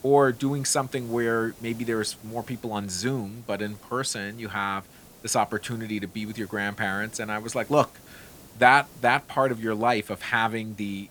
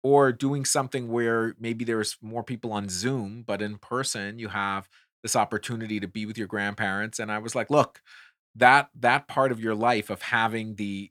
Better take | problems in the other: second | hiss; faint; throughout; 20 dB below the speech

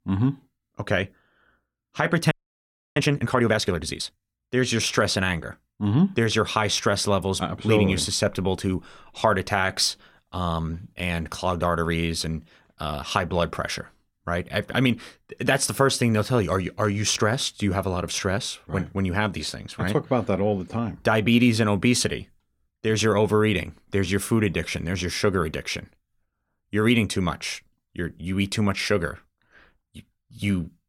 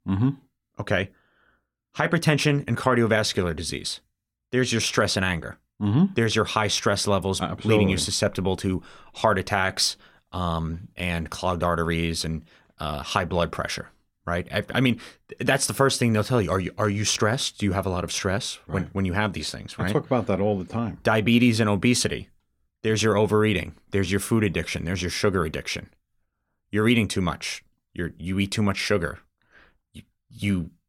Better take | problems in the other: second | audio freezing; at 2.5 s for 0.5 s

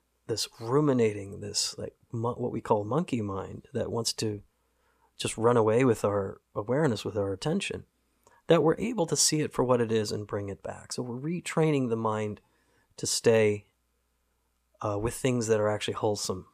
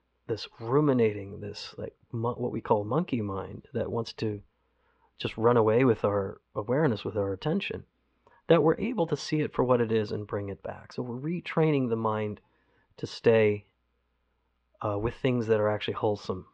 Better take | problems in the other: first | muffled; slightly; fading above 3.5 kHz

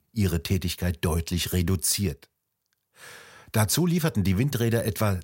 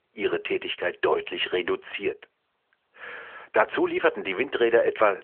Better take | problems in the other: first | phone-call audio

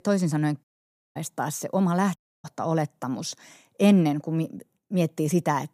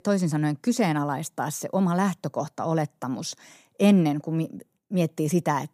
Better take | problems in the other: second | audio cutting out; at 0.5 s for 0.5 s and at 2 s

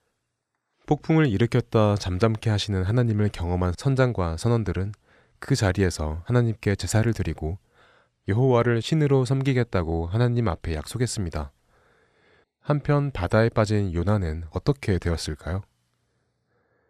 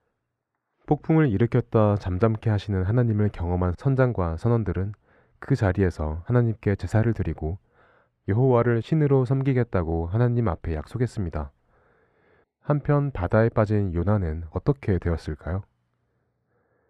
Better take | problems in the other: first | muffled; very; fading above 3 kHz

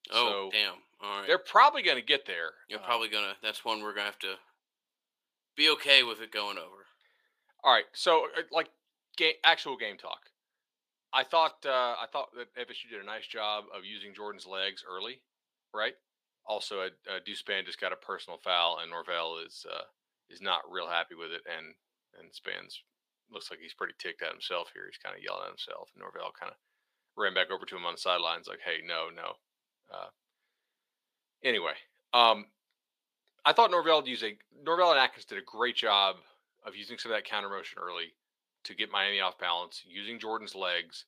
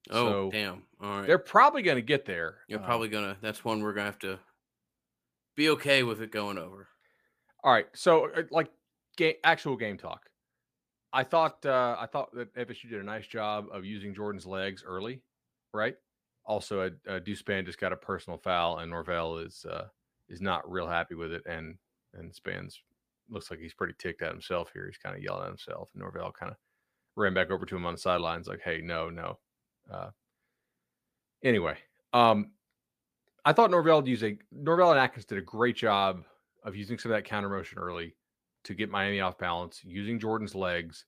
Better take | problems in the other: second | thin; somewhat; fading below 450 Hz

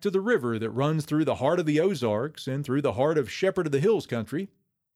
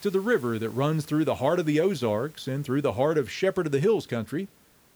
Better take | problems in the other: first | hiss; faint; throughout; 25 dB below the speech

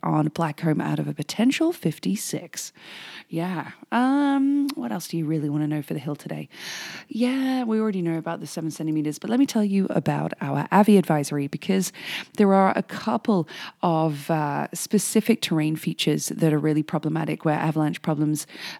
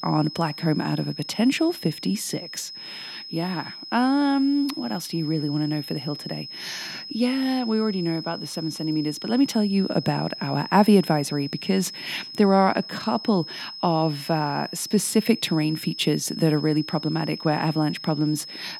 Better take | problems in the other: first | high-pitched whine; noticeable; throughout; 5 kHz, 10 dB below the speech

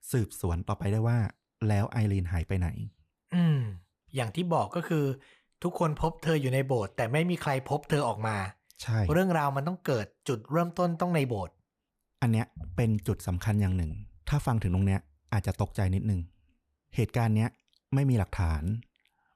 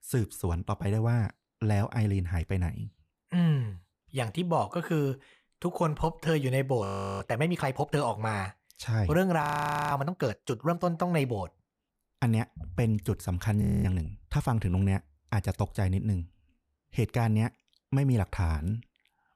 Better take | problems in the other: first | audio freezing; at 7 s, at 9.5 s and at 14 s

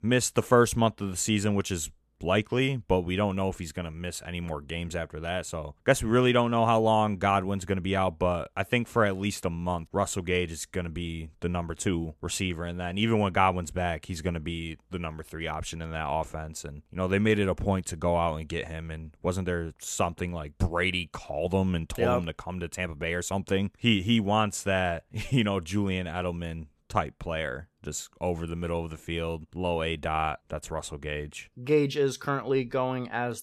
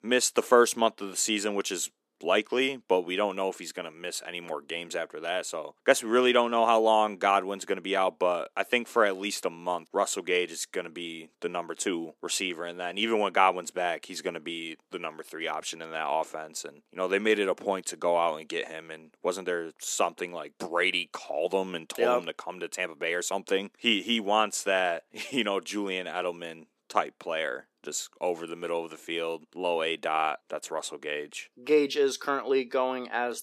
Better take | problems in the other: first | thin; somewhat; fading below 300 Hz

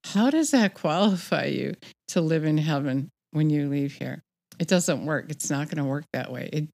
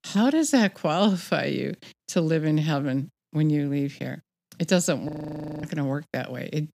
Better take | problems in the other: first | audio freezing; at 5 s for 0.5 s

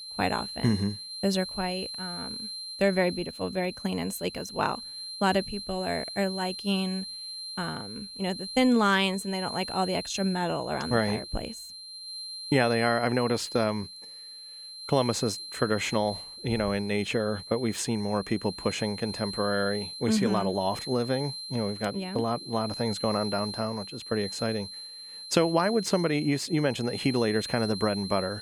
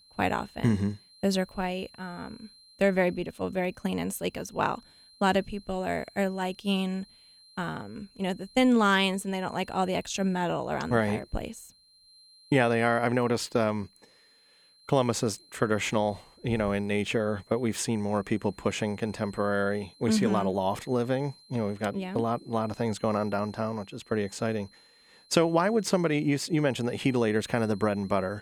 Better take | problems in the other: second | high-pitched whine; loud; throughout; 4 kHz, 9 dB below the speech; faint in the second

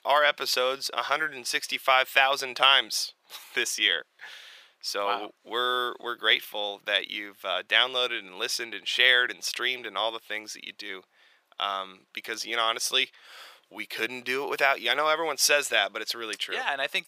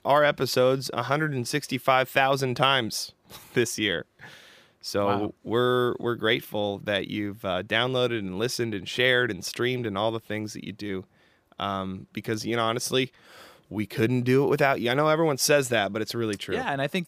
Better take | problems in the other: second | thin; very; fading below 700 Hz

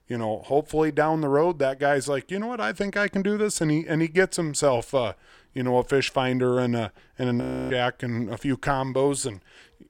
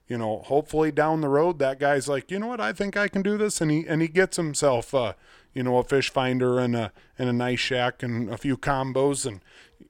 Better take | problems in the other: second | audio freezing; at 7.5 s

